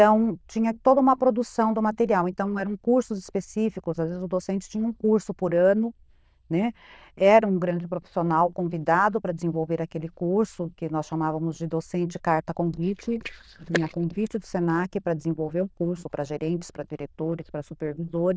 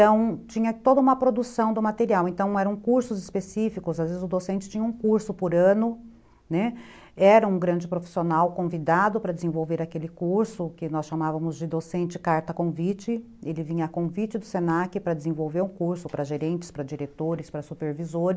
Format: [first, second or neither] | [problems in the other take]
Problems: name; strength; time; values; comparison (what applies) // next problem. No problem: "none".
second | noise reduction (neural diffusion model UNIVERSE++)